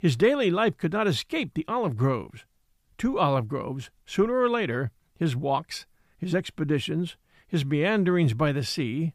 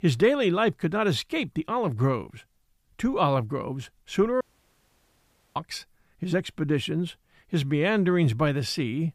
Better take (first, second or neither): first